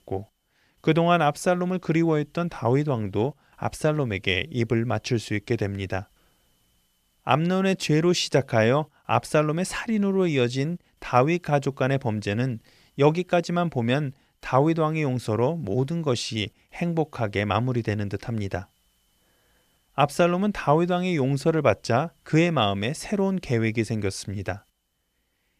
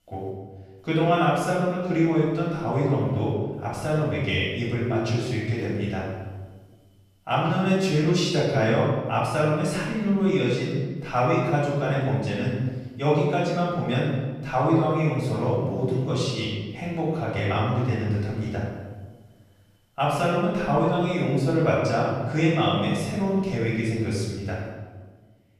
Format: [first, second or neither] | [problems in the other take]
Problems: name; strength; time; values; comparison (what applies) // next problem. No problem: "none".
first | room echo; noticeable; dies away in 1.2 s // off-mic speech; far